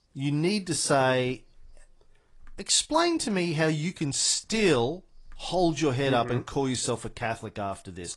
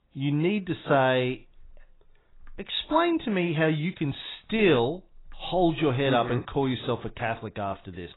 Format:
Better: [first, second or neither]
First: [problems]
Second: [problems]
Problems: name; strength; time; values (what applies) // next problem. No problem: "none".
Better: first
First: garbled, watery; slightly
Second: garbled, watery; badly; nothing above 4 kHz